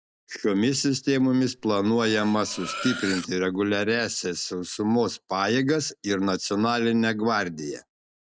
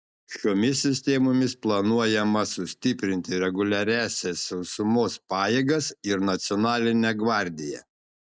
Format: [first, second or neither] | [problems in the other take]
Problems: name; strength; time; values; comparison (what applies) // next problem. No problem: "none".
second | background sound (Cutlery, silverware); 12 dB below the speech